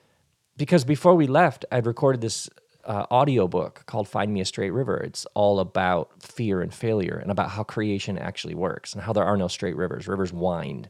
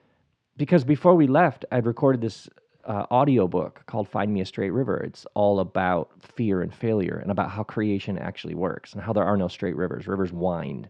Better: first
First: none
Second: muffled; slightly; fading above 3 kHz

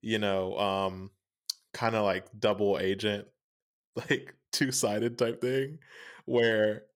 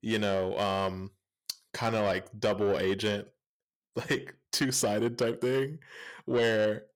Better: first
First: none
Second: distortion; slight; 10 dB below the speech

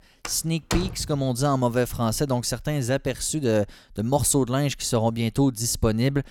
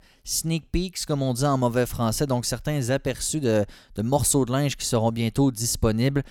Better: second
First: door banging; noticeable; at 0.5 s; peak 5 dB below the speech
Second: none

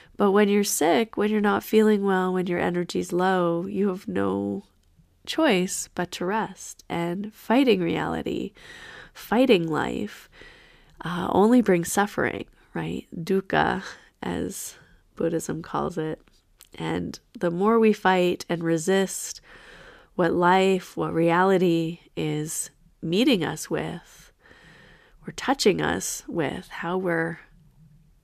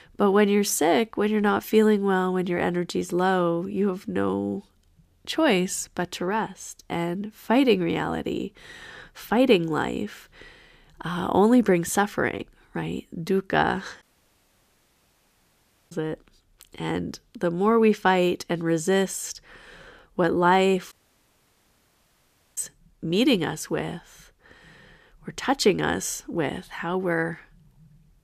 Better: first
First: none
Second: audio cutting out; at 14 s for 2 s and at 21 s for 1.5 s

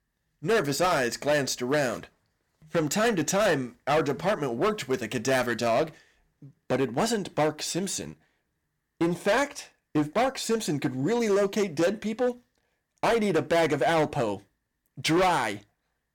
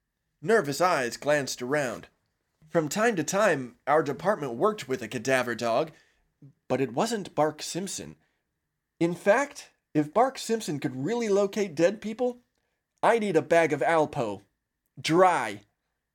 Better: second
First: distortion; heavy; 10% of the sound clipped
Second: none

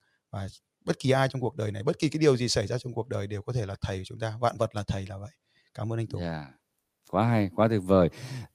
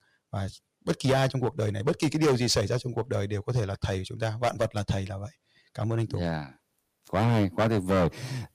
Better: first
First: none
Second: distortion; heavy; 6% of the sound clipped

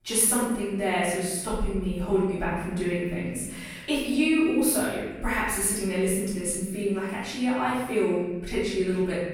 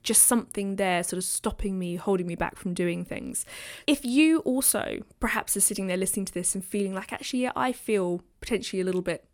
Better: second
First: off-mic speech; far // room echo; strong; dies away in 1.2 s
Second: none

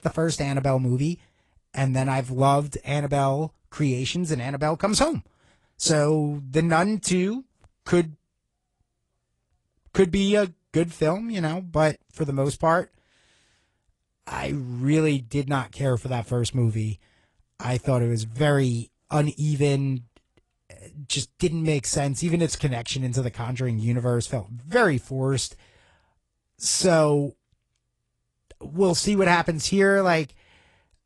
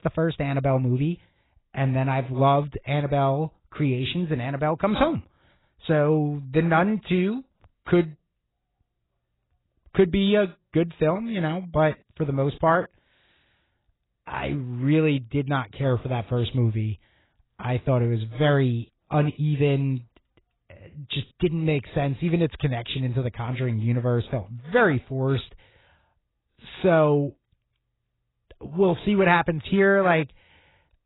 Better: first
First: garbled, watery; slightly; nothing above 10.5 kHz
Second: garbled, watery; badly; nothing above 4 kHz

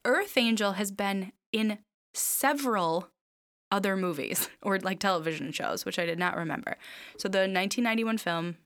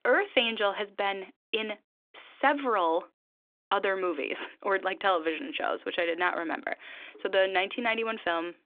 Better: first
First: none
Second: phone-call audio; nothing above 3.5 kHz

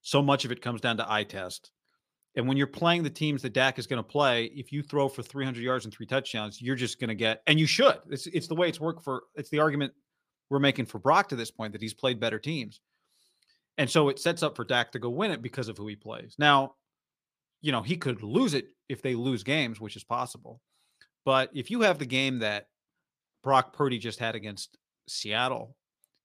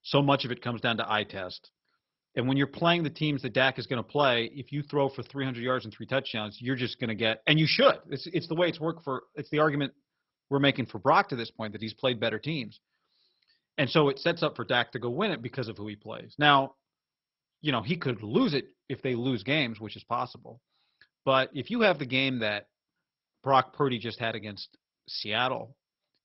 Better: first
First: none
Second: garbled, watery; badly; nothing above 5.5 kHz

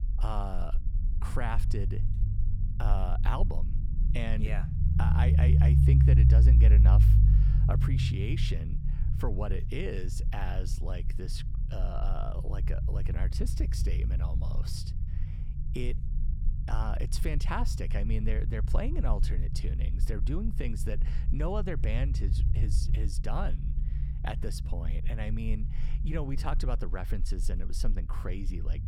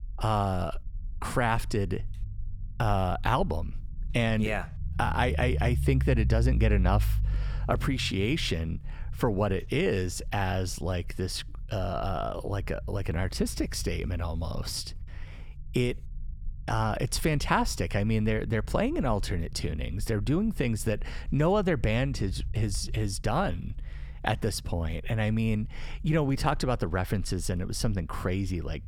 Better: second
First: low rumble; loud; throughout; 4 dB below the speech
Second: low rumble; faint; throughout; 25 dB below the speech

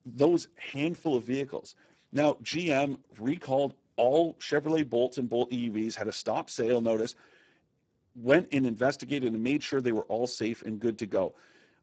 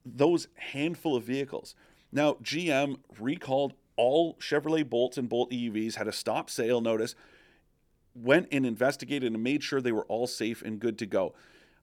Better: second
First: garbled, watery; badly; nothing above 7.5 kHz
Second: none

